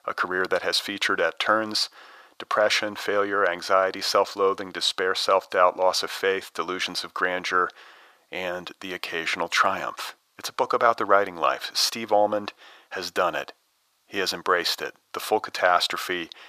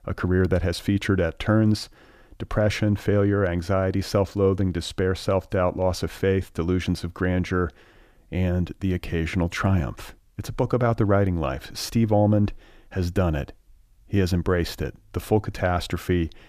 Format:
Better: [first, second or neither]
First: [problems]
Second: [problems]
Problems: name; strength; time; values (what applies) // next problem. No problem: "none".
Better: second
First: thin; very; fading below 700 Hz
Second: none